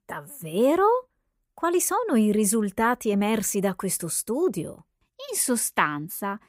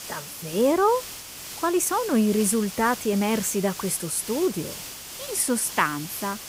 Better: first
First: none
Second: hiss; noticeable; throughout; 10 dB below the speech

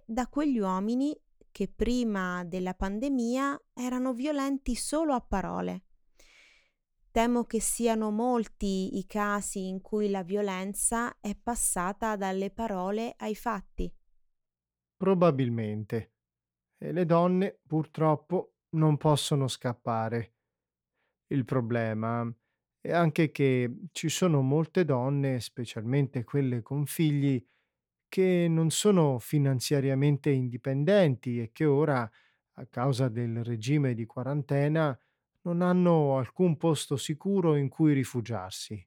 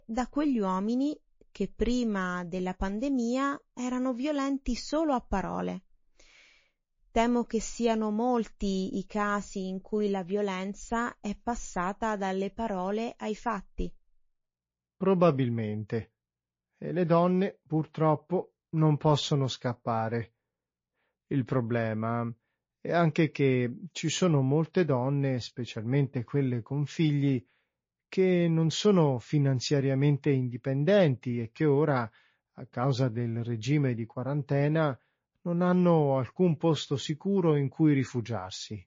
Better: first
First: none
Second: garbled, watery; slightly

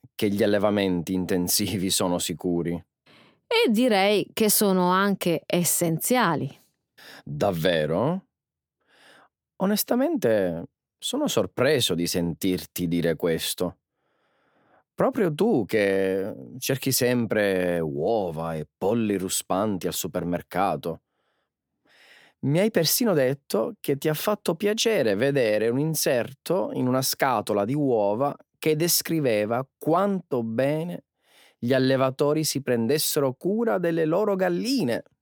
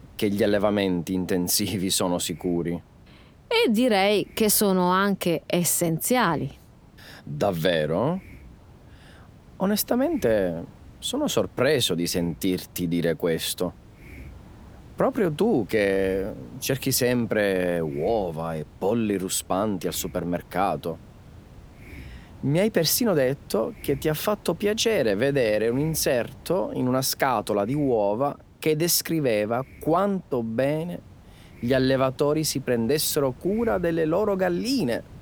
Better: first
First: none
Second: hiss; faint; throughout; 25 dB below the speech

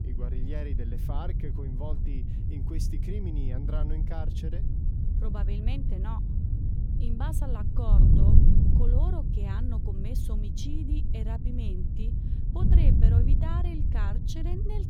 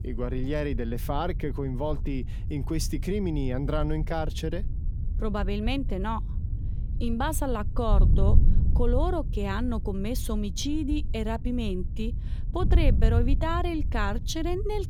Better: second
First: wind noise on the microphone; heavy; as loud as the speech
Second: wind noise on the microphone; occasional gusts; 15 dB below the speech

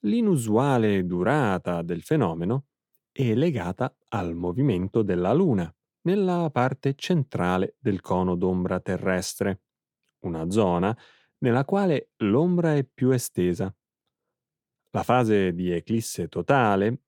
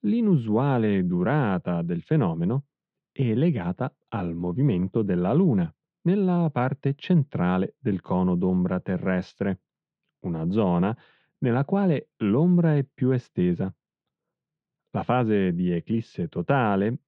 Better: first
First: none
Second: muffled; very; fading above 3.5 kHz

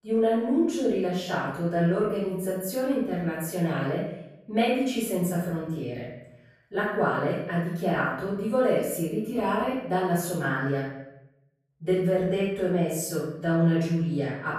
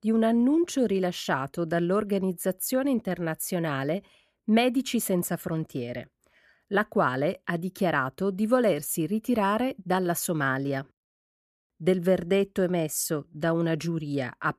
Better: second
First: off-mic speech; far // room echo; noticeable; dies away in 0.7 s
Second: none

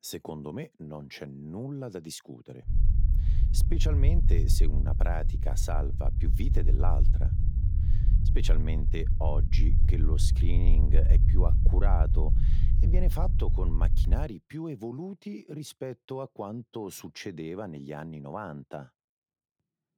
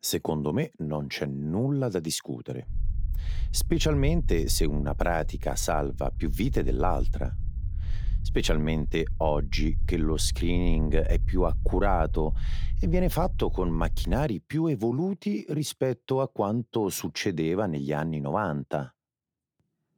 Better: second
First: low rumble; loud; from 2.5 to 14 s; 6 dB below the speech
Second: low rumble; faint; from 2.5 to 14 s; 20 dB below the speech

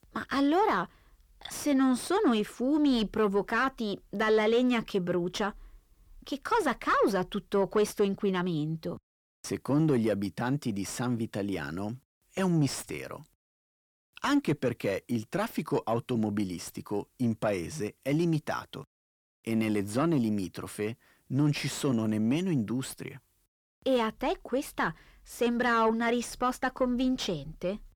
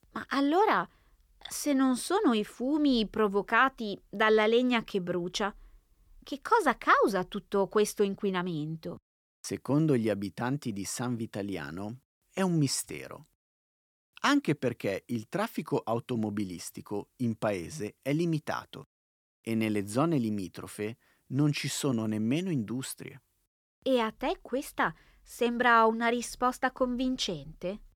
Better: second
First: distortion; slight; 10 dB below the speech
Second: none

